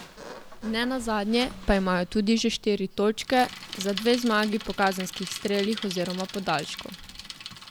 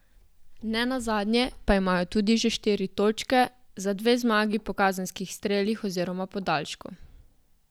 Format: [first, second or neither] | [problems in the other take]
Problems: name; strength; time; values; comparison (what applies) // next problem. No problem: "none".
second | background sound (Bicycle); 14 dB below the speech